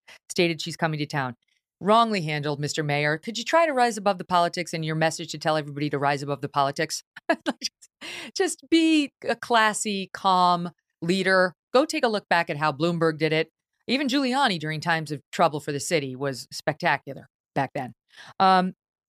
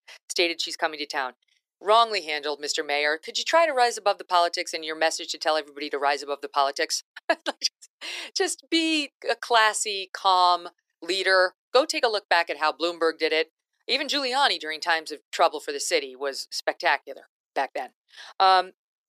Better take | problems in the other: first | thin; very; fading below 350 Hz

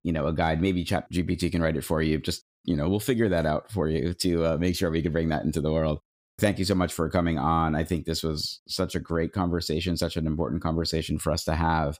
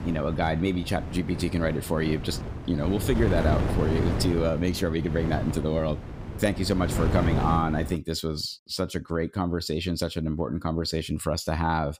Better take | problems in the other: first | wind noise on the microphone; heavy; until 8 s; 8 dB below the speech

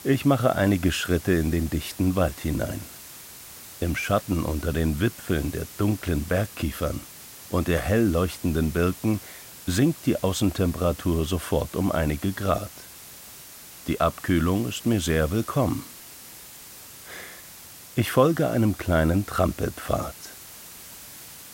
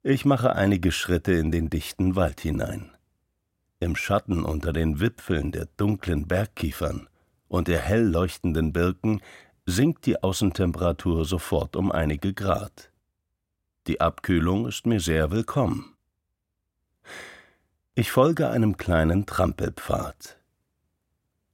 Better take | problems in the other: second | hiss; noticeable; throughout; 15 dB below the speech

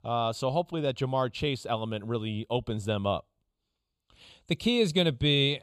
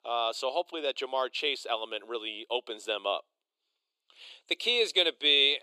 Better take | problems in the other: first | thin; very; fading below 350 Hz

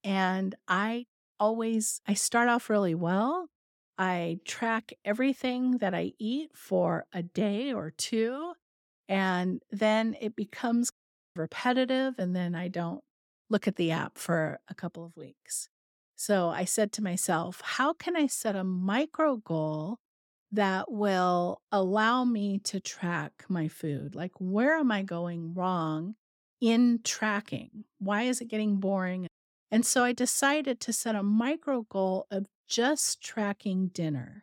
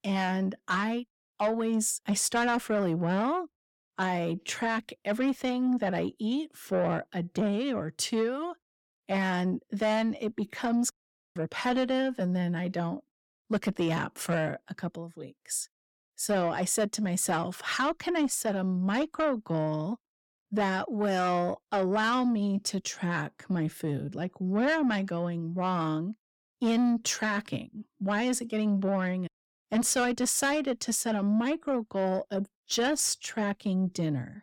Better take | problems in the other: first | distortion; slight; 10 dB below the speech

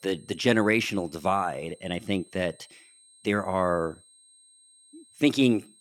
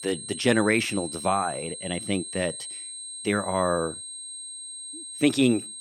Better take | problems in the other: first | high-pitched whine; loud; throughout; 8.5 kHz, 9 dB below the speech; faint in the first

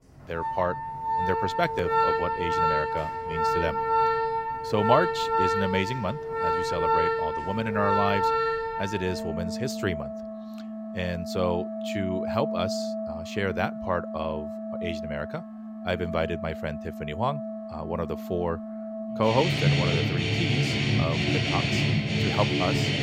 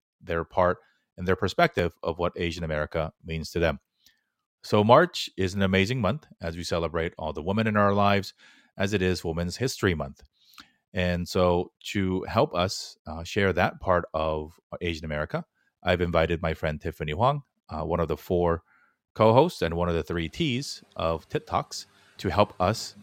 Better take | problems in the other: second | background music; very loud; throughout; 2 dB above the speech

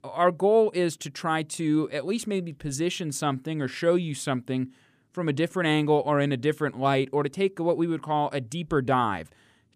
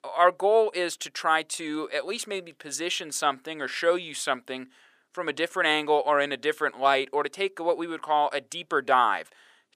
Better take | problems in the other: first | thin; very; fading below 600 Hz

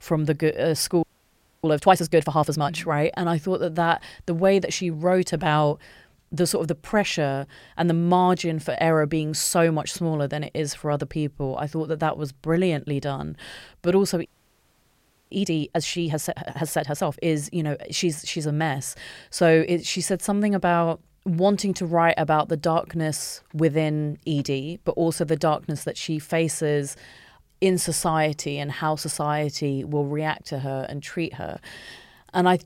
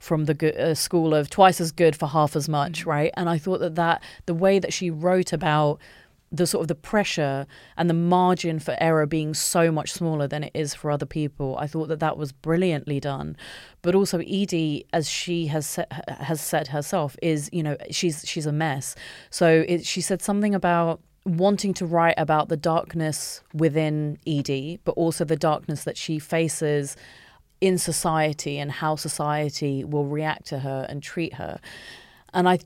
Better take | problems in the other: second | audio freezing; at 1 s for 0.5 s and at 14 s for 1 s

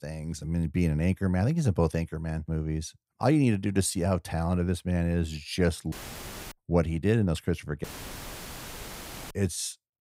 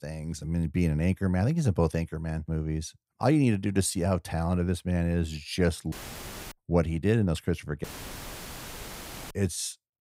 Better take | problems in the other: neither | audio cutting out; filled with static; at 6 s for 0.5 s and at 8 s for 1.5 s; the same in both

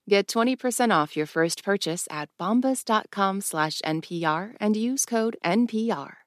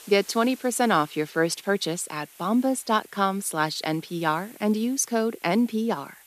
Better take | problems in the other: first | hiss; faint; throughout; 25 dB below the speech

